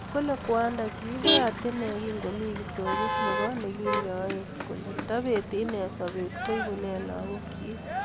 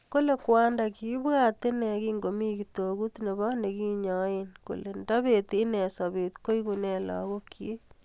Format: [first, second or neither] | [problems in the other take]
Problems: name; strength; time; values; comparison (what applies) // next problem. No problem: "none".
second | background sound (Motor vehicle (road)); 1 dB below the speech